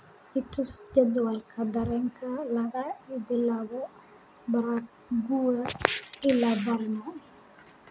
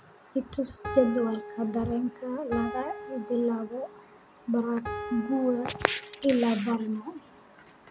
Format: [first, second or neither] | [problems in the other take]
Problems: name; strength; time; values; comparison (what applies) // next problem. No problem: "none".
first | background sound (Piano); 10 dB below the speech